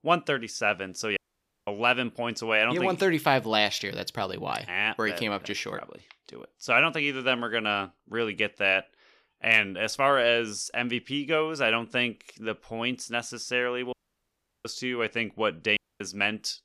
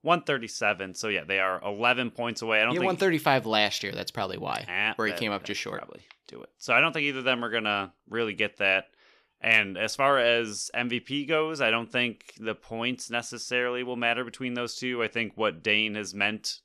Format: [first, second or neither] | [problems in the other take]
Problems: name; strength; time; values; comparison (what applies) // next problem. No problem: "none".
second | audio cutting out; at 1 s for 0.5 s, at 14 s for 0.5 s and at 16 s